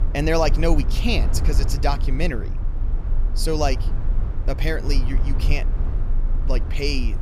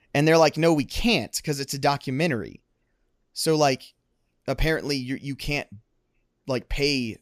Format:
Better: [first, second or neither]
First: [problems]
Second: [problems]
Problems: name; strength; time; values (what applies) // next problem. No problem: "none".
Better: second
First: low rumble; noticeable; throughout; 15 dB below the speech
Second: none